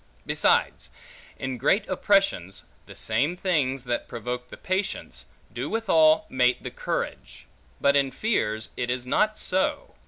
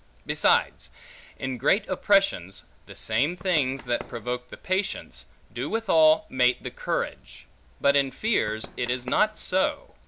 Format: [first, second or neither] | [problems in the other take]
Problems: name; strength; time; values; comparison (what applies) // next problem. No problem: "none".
first | background sound (Run); 17 dB below the speech